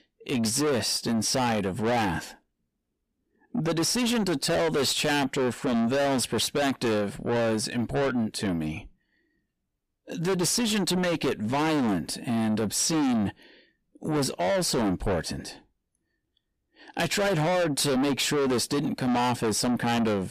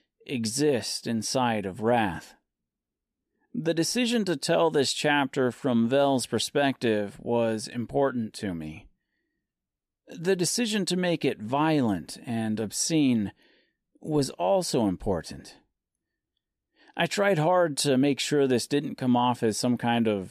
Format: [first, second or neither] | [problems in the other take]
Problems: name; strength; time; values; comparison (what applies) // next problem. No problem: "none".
second | distortion; heavy; 6 dB below the speech